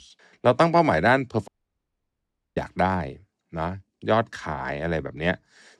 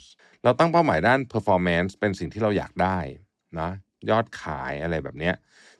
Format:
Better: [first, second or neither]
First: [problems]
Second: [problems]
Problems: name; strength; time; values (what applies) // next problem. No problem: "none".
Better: second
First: audio cutting out; at 1.5 s for 1 s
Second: none